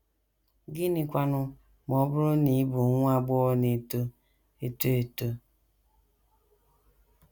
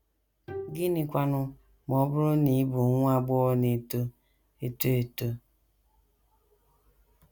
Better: first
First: none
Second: background sound (Bowed string instrument); 18 dB below the speech

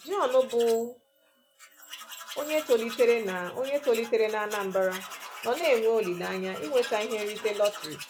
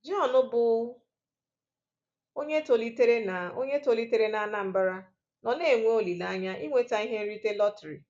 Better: second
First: background sound (Tools); 14 dB below the speech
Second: none

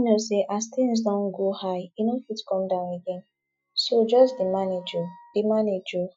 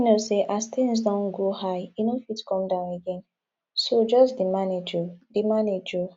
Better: second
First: noise reduction (classical method Wiener filter)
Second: none

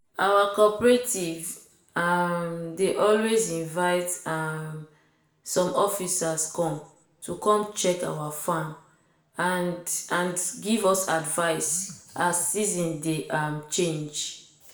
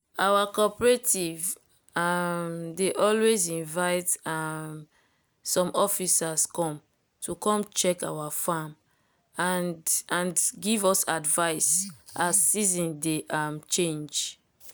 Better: second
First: room echo; dies away in 0.6 s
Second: none

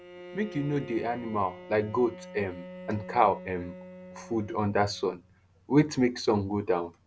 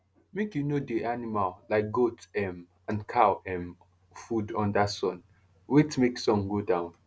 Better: second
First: background sound (Bowed string instrument); 17 dB below the speech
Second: none

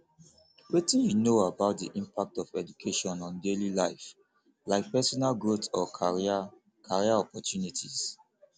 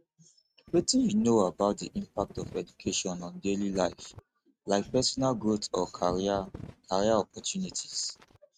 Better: first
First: none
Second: noise reduction (neural mask model RNNoise)

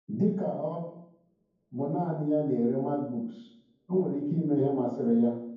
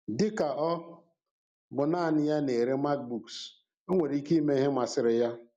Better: second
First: room echo; dies away in 0.9 s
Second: none

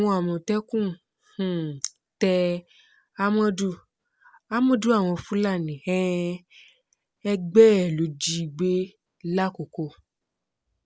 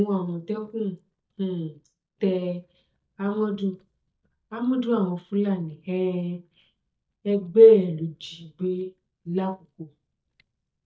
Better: first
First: none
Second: noise reduction (neural mask model DeepFilterNet 3)

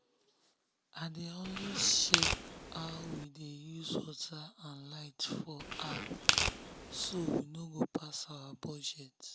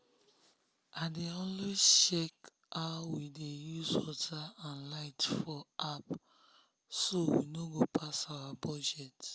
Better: second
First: background sound (Tearing); 4 dB above the speech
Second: none

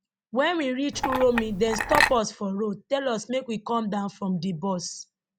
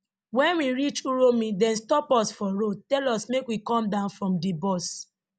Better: second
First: background sound (Chink, clink); as loud as the speech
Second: none

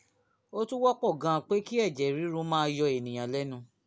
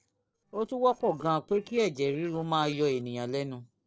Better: first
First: none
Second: noise reduction (neural separator model SepFormer DNS4)

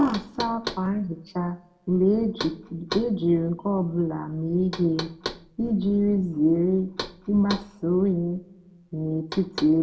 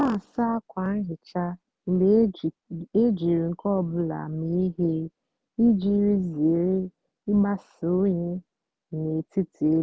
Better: second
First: background sound (Knock); 15 dB below the speech // room echo; dies away in 0.4 s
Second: none

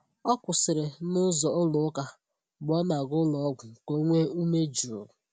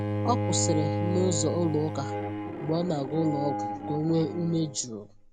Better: first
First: none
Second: background sound (Bowed string instrument); 2 dB below the speech

